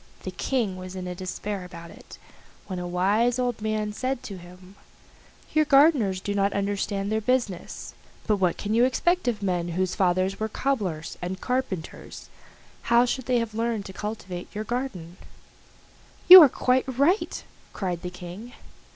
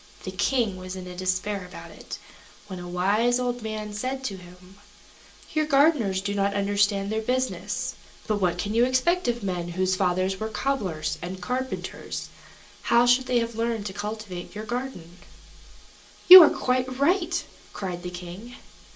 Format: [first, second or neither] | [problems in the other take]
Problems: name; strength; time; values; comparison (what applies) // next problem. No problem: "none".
first | room echo; dies away in 0.2 s